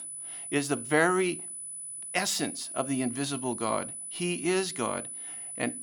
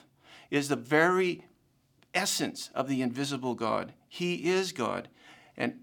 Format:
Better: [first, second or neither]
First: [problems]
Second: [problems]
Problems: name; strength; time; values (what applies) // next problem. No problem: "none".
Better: second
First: high-pitched whine; loud; throughout; 10 kHz, 7 dB below the speech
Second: none